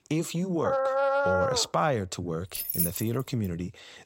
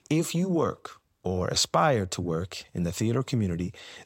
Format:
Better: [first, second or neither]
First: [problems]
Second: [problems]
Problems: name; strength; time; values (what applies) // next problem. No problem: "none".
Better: second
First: dog barking; loud; from 0.5 to 1.5 s; peak 6 dB above the speech // jangling keys; loud; at 2.5 s; peak 3 dB above the speech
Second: none